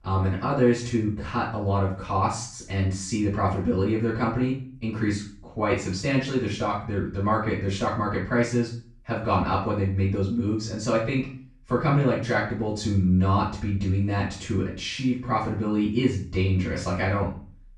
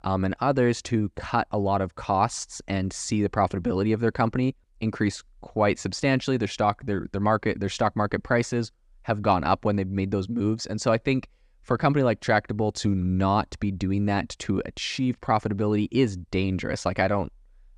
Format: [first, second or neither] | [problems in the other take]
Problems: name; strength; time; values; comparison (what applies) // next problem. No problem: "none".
second | off-mic speech; far // room echo; noticeable; dies away in 0.4 s